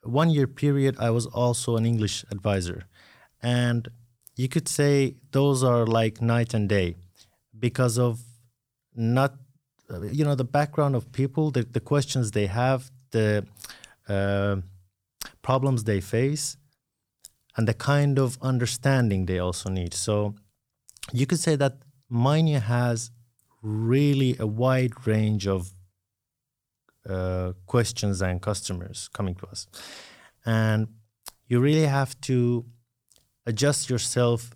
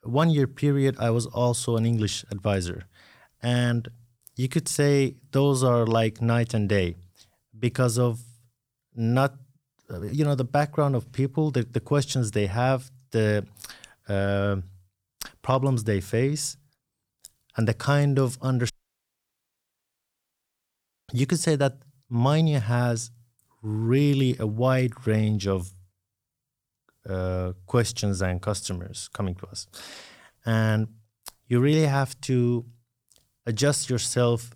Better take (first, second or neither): first